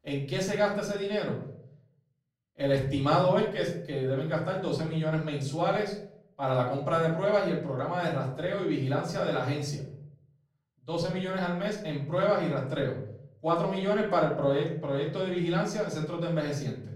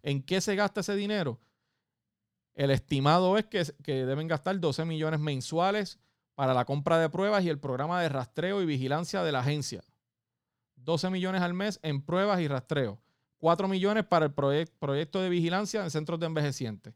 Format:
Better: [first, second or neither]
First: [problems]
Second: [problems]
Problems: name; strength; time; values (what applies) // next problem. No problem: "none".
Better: second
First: off-mic speech; far // room echo; noticeable; dies away in 0.6 s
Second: none